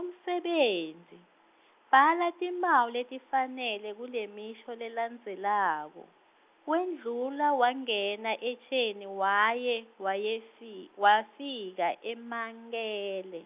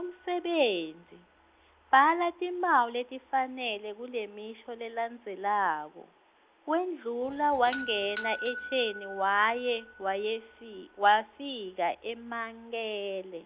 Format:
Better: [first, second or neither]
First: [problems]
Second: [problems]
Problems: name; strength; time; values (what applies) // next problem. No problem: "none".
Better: first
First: none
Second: background sound (Doorbell); 17 dB below the speech